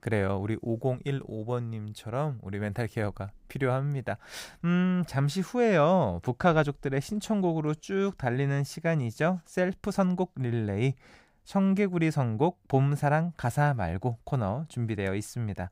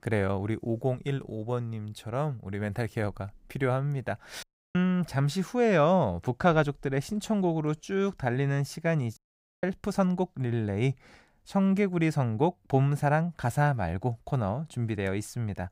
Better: first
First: none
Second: audio cutting out; at 4.5 s and at 9 s

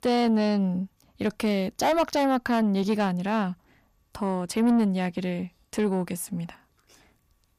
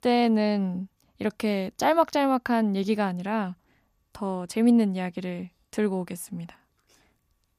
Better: second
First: distortion; slight; 10 dB below the speech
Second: none

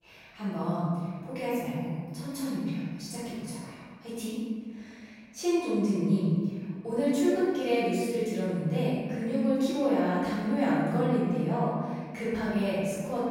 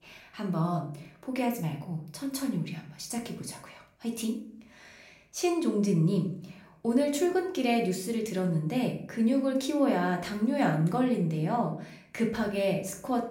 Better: second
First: room echo; strong; dies away in 1.6 s // off-mic speech; far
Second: room echo; slight; dies away in 0.5 s // off-mic speech; somewhat distant

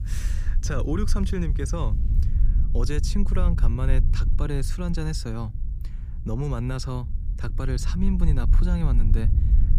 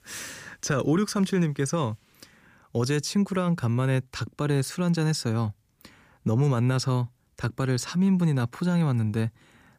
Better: second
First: low rumble; loud; throughout; 10 dB below the speech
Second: none

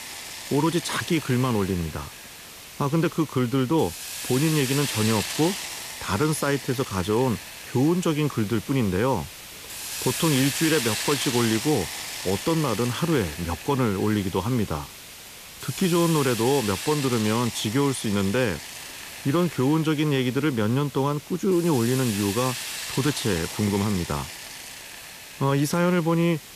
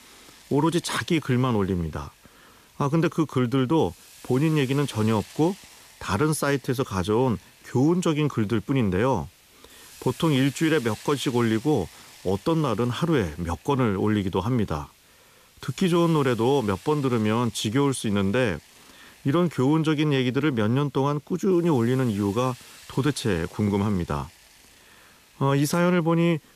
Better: second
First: hiss; loud; throughout; 8 dB below the speech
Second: hiss; faint; throughout; 25 dB below the speech

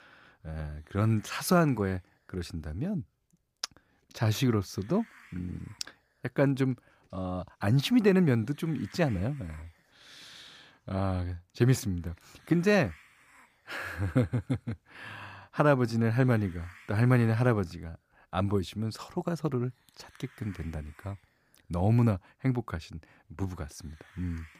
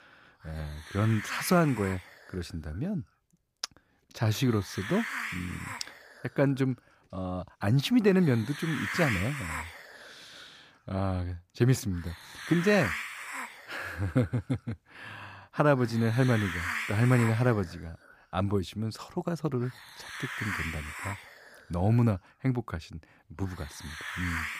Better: first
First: hiss; faint; throughout; 25 dB below the speech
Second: hiss; loud; throughout; 7 dB below the speech

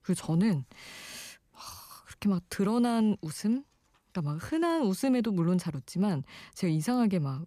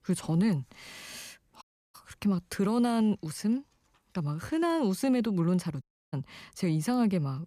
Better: first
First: none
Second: audio cutting out; at 1.5 s and at 6 s

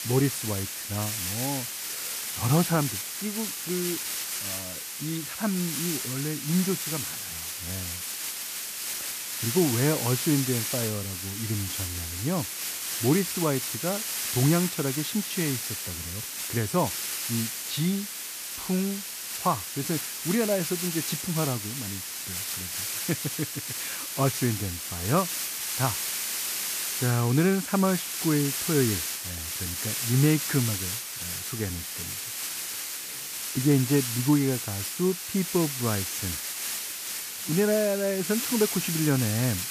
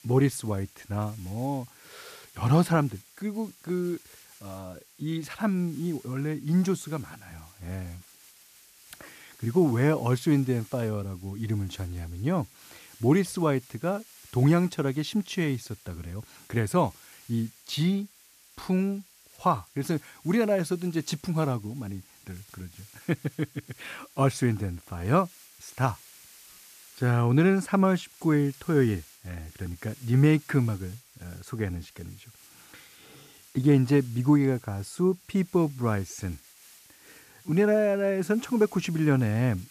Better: second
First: hiss; loud; throughout; 2 dB below the speech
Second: hiss; faint; throughout; 25 dB below the speech

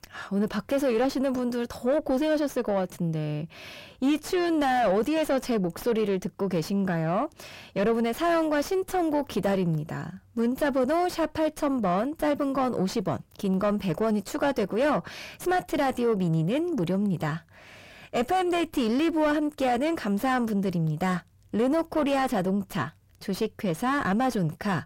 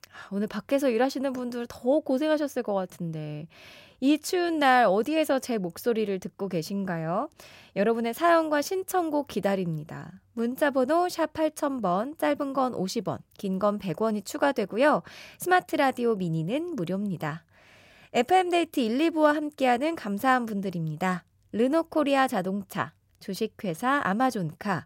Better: second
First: distortion; heavy; 7 dB below the speech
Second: none

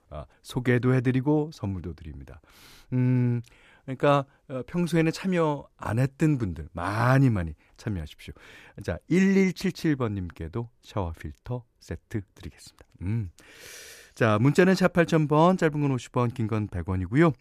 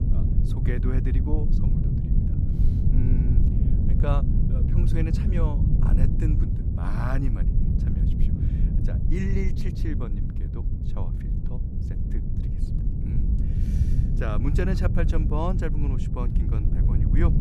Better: first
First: none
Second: low rumble; loud; throughout; 2 dB below the speech

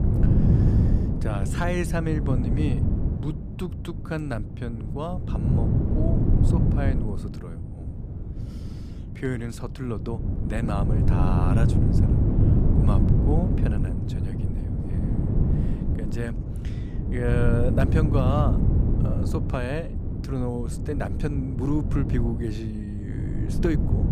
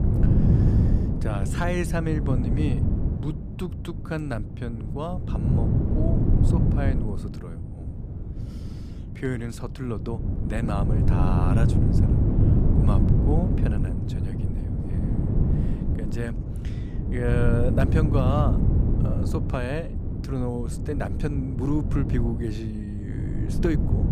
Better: neither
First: wind noise on the microphone; heavy; 2 dB below the speech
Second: wind noise on the microphone; heavy; 2 dB below the speech

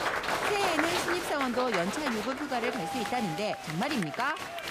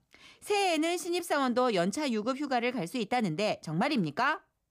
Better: second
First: crowd noise; loud; throughout; 1 dB below the speech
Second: none

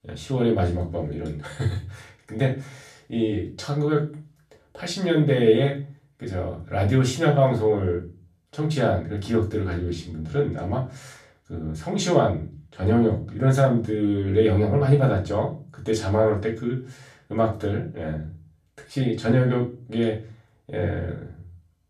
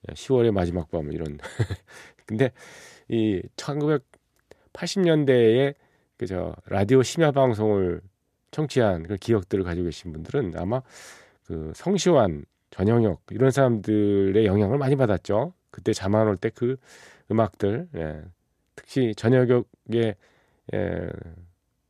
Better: second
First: room echo; slight; dies away in 0.3 s // off-mic speech; far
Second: none

